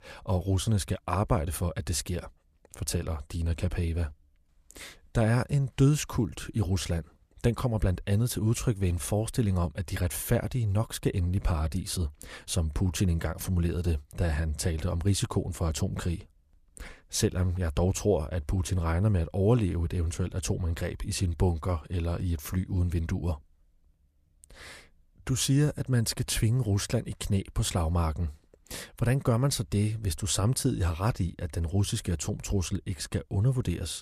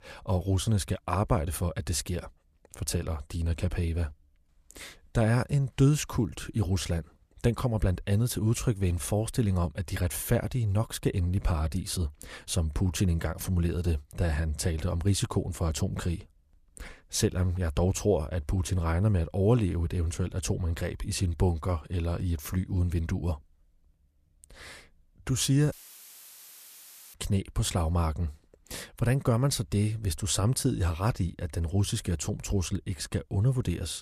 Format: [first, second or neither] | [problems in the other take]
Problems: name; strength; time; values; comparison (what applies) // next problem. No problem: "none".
first | audio cutting out; filled with static; at 26 s for 1.5 s